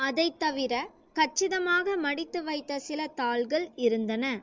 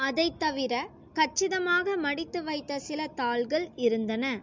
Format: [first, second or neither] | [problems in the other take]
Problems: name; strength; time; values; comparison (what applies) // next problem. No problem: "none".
second | noise reduction (neural separator model SepFormer DNS4)